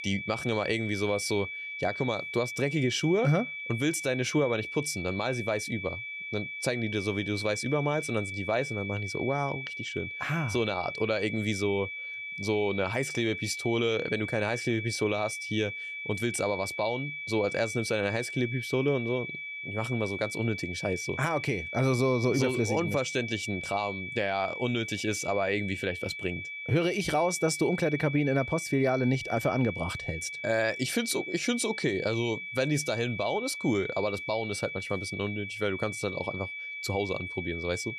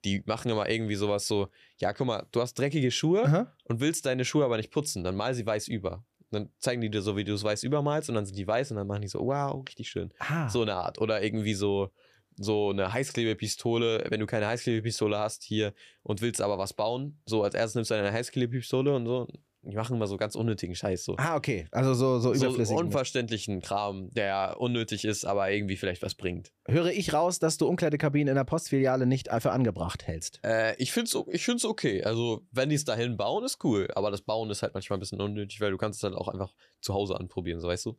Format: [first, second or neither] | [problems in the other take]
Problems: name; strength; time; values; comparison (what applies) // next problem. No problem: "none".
second | high-pitched whine; loud; throughout; 2.5 kHz, 6 dB below the speech